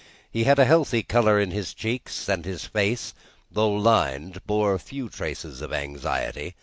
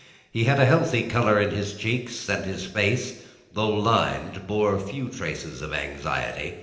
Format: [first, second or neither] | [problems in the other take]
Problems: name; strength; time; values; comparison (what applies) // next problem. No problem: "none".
first | room echo; dies away in 0.9 s